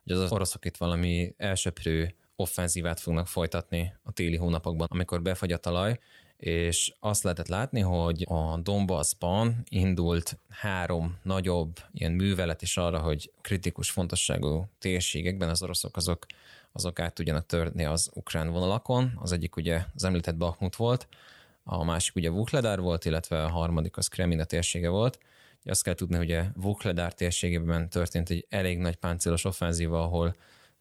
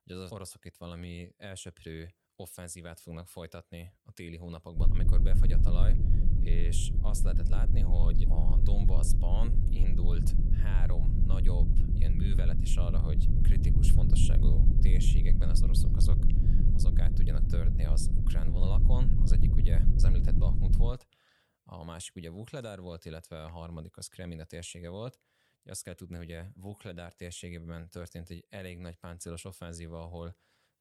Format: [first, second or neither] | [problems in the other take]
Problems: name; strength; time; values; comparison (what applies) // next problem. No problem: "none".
first | low rumble; loud; from 5 to 21 s; as loud as the speech